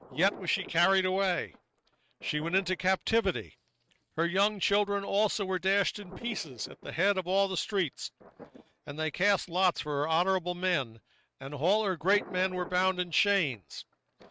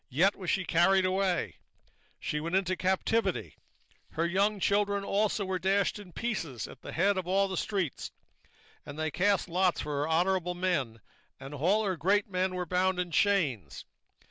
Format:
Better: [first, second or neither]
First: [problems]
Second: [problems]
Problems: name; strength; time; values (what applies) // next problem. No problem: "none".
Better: second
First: noise reduction (neural mask model RNNoise)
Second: none